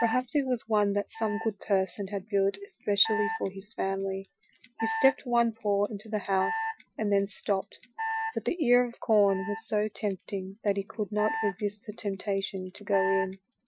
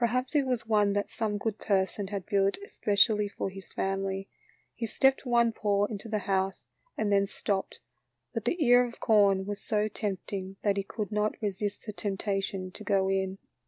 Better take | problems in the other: second | noise reduction (classical method Wiener filter)

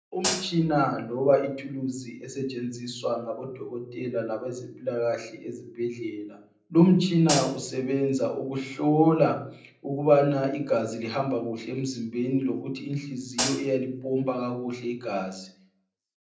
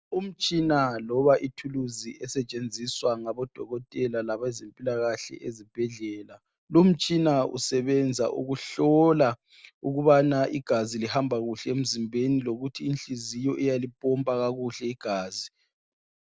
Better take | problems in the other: second | background sound (Hi-hat); 3 dB below the speech // room echo; dies away in 0.6 s

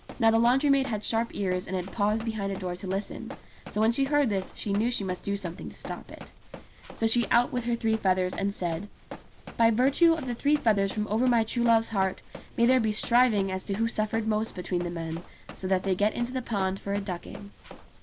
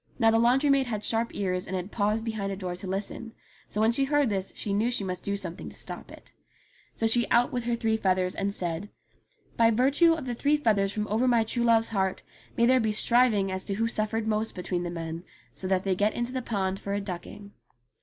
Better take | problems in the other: second | background sound (Run); 17 dB below the speech

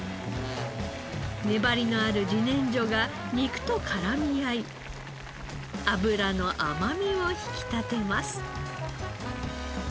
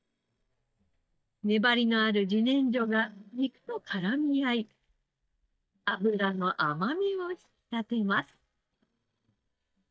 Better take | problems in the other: first | noise reduction (neural mask model DeepFilterNet 3)

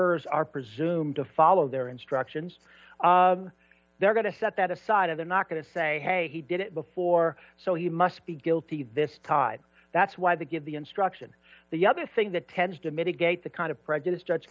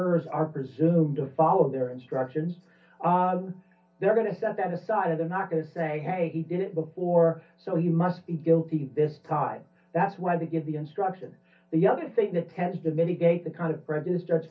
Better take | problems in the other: first | room echo; dies away in 0.3 s

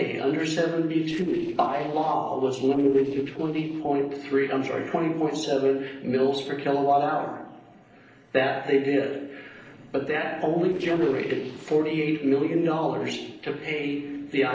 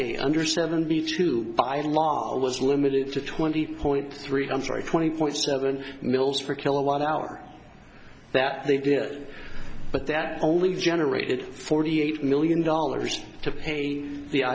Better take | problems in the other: second | noise reduction (neural separator model SepFormer DNS4)

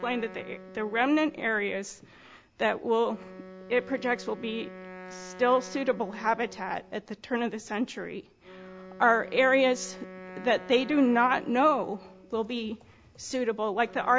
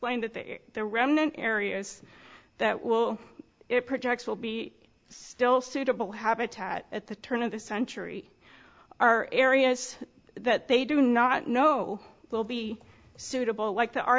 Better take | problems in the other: second | background sound (Wind instrument, woodwind instrument); 18 dB below the speech

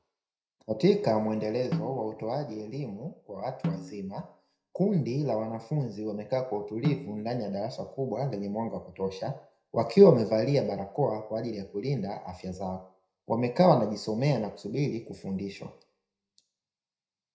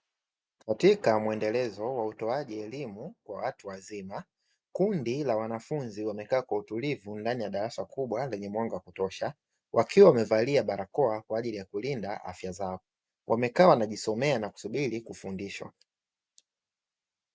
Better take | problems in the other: second | background sound (Snare drum); 10 dB below the speech // room echo; dies away in 0.4 s

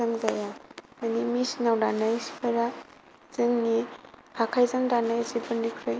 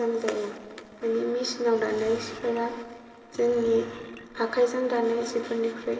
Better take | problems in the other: first | background sound (Burping, eructation); 19 dB below the speech // room echo; dies away in 2.4 s

